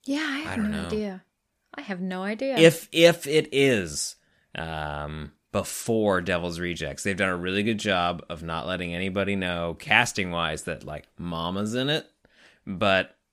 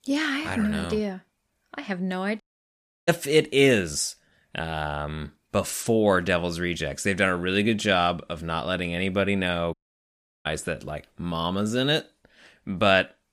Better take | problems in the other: first | audio cutting out; at 2.5 s for 0.5 s and at 9.5 s for 0.5 s

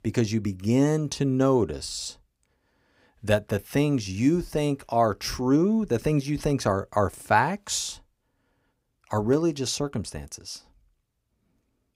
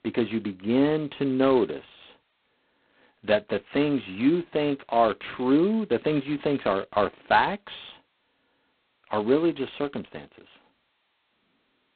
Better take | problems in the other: first | phone-call audio; poor line; nothing above 4 kHz

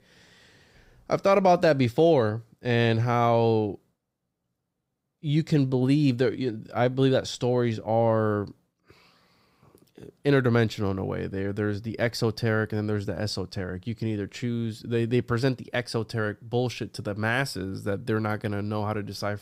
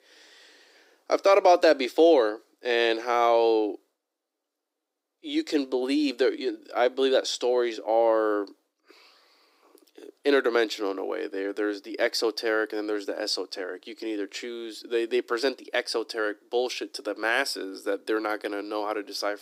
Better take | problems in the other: first | thin; somewhat; fading below 300 Hz

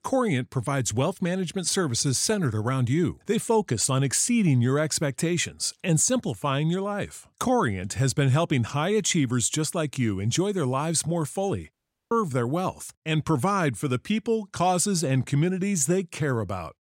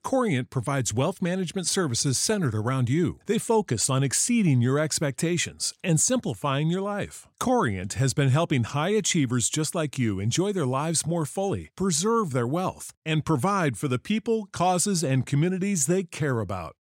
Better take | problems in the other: second | audio cutting out; at 12 s

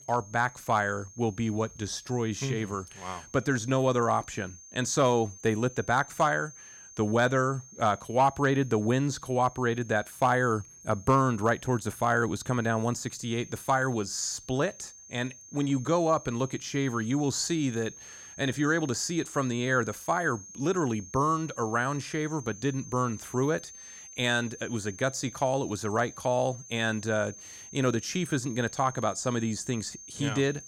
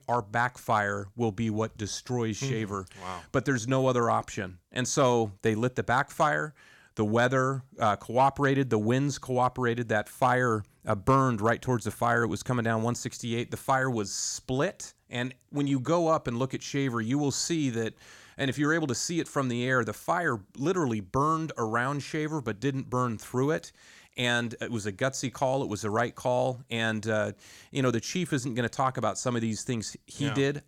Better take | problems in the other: second | high-pitched whine; noticeable; throughout; 6.5 kHz, 15 dB below the speech

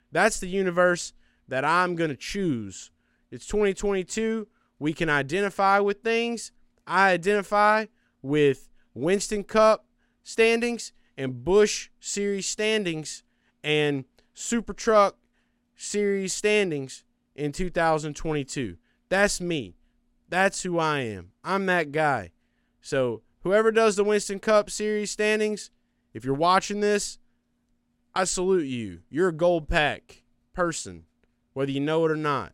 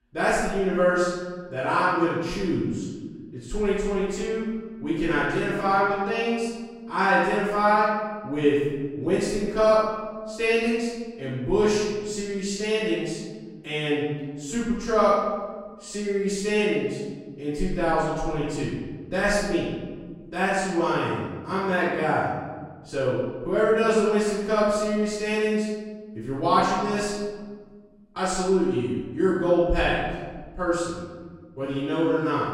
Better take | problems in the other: first | off-mic speech; far // room echo; strong; dies away in 1.5 s

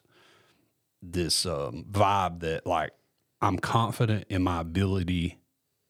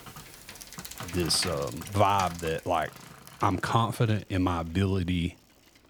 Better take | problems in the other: first | traffic noise; noticeable; throughout; 15 dB below the speech

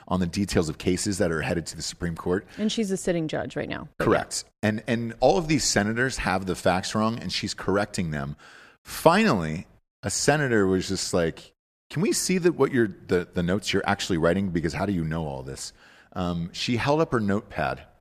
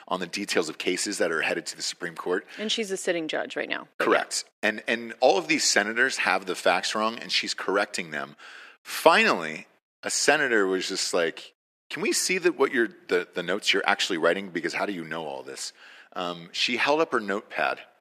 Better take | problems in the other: first | thin; somewhat; fading below 300 Hz

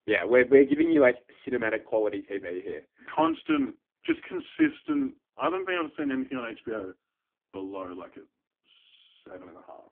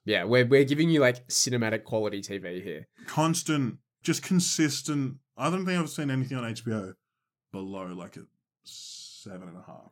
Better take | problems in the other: second | phone-call audio; poor line; nothing above 3.5 kHz

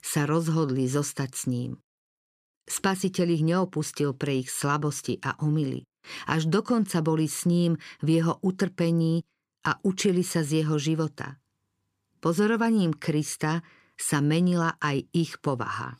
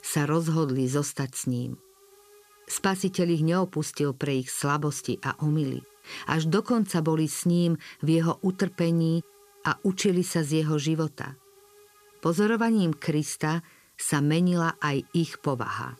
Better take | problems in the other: first | hiss; faint; throughout; 30 dB below the speech

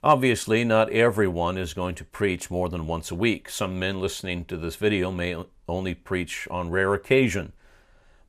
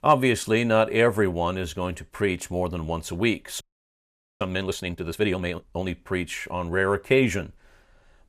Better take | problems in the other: first | audio freezing; at 3.5 s for 1 s

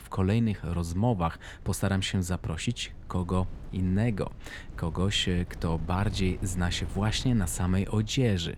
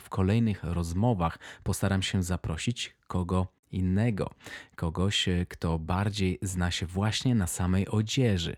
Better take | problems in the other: second | wind noise on the microphone; occasional gusts; 20 dB below the speech

